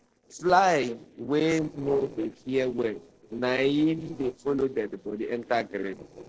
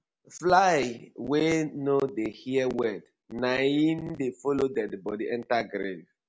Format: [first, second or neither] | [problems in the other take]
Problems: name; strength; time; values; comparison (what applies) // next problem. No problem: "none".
second | noise reduction (neural separator model SepFormer DNS4)